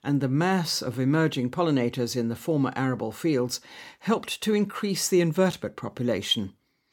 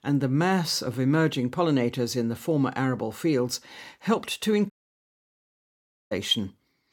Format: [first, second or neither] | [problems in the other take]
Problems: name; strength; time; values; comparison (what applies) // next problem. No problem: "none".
first | audio cutting out; at 4.5 s for 1.5 s